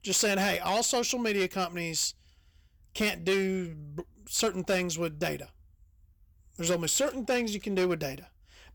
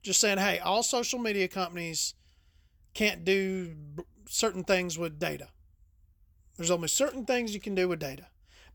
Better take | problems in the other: second | distortion; slight; 6% of the sound clipped

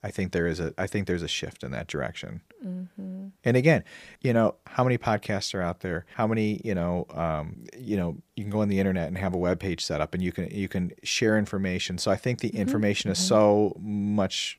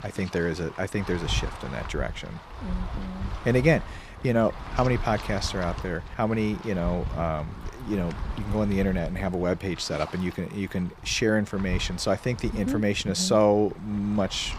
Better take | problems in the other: first | wind noise on the microphone; occasional gusts; 15 dB below the speech

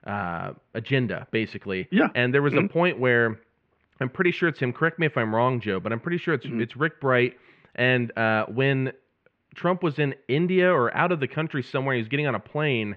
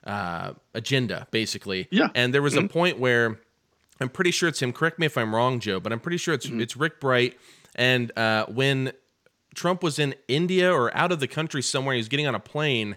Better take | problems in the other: second | muffled; very; fading above 2.5 kHz

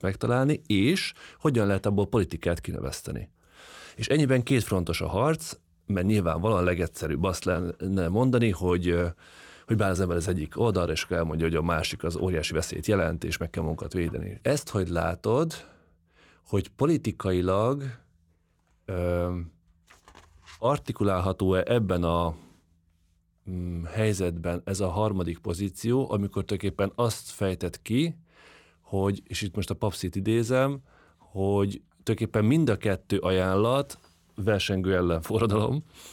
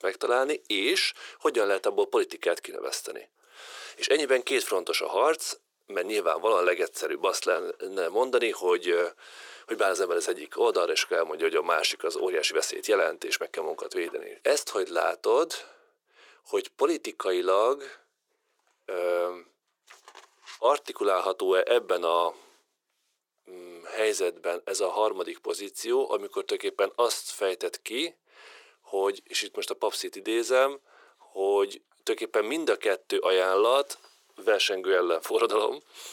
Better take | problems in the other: first | thin; very; fading below 400 Hz

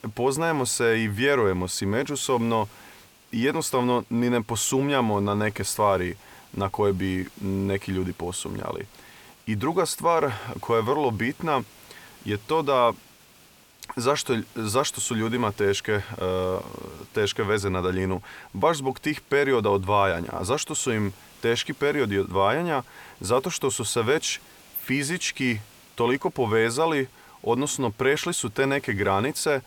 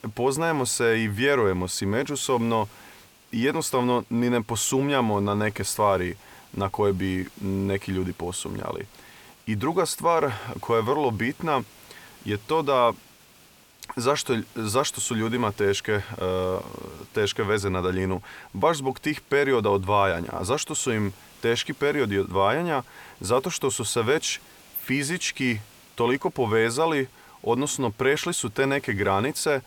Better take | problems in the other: neither | hiss; faint; throughout; 25 dB below the speech; the same in both

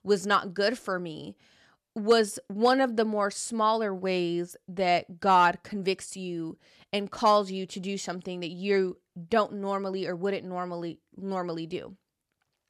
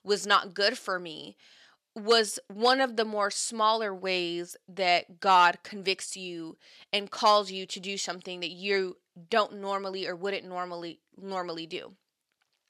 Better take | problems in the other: first | thin; very slightly; fading below 450 Hz

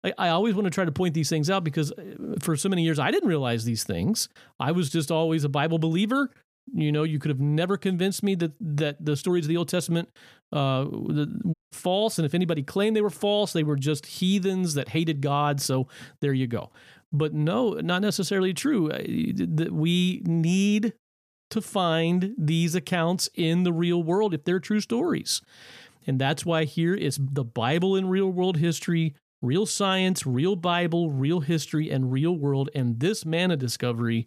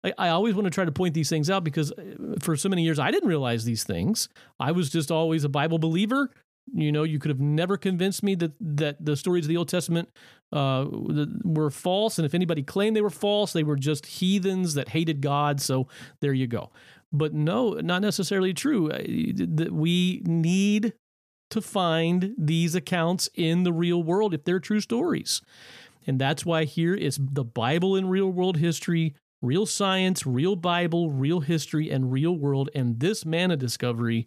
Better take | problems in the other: second | audio cutting out; at 12 s

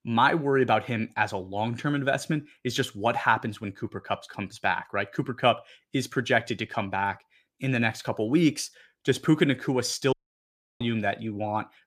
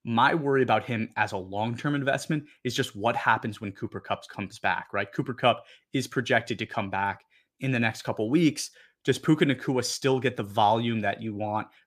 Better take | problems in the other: second | audio cutting out; at 10 s for 0.5 s

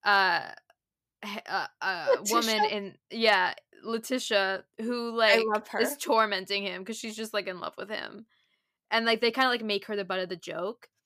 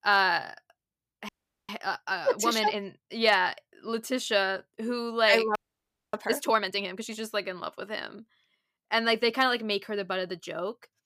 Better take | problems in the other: first | audio freezing; at 1.5 s and at 5.5 s for 0.5 s

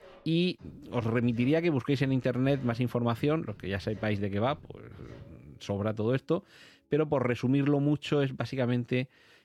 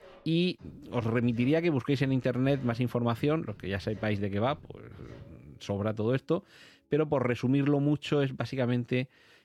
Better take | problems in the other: neither | background music; faint; throughout; 25 dB below the speech; the same in both

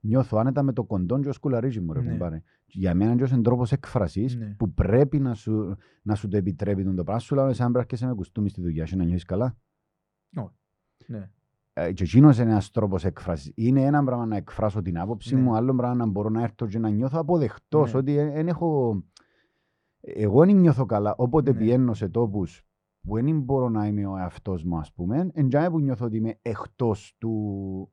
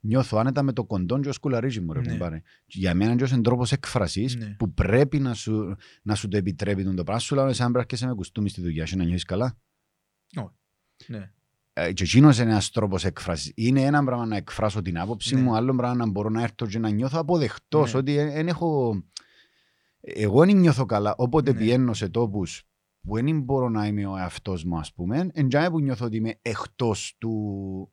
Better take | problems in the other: second | muffled; very; fading above 1.5 kHz

